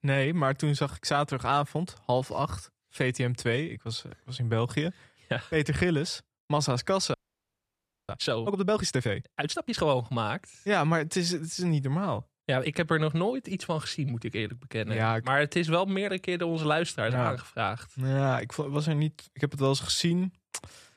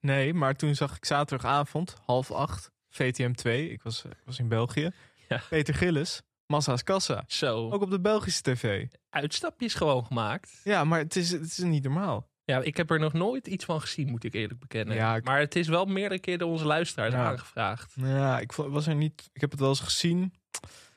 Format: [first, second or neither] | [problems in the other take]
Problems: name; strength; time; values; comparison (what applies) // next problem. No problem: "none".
second | audio freezing; at 7 s for 1 s